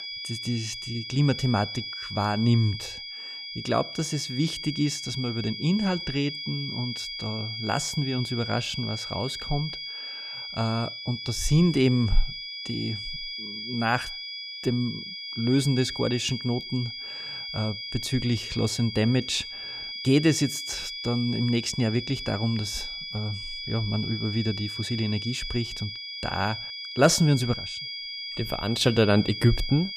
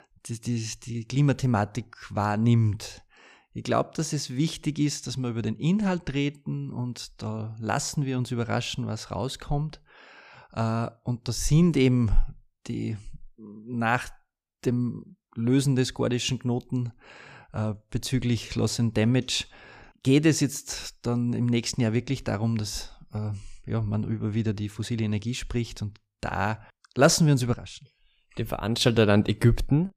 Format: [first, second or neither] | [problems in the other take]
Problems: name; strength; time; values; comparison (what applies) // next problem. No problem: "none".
second | high-pitched whine; loud; throughout; 5 kHz, 6 dB below the speech